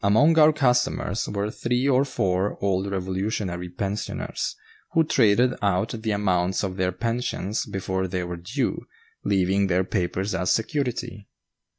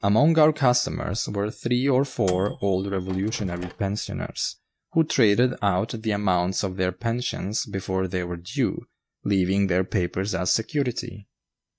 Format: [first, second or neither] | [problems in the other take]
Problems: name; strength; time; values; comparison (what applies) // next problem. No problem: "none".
first | noise reduction (neural mask model RNNoise)